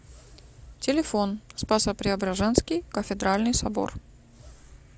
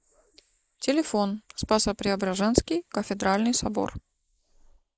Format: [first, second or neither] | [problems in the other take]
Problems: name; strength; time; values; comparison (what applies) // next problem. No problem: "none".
first | noise reduction (neural mask model Resemble Enhance denoiser)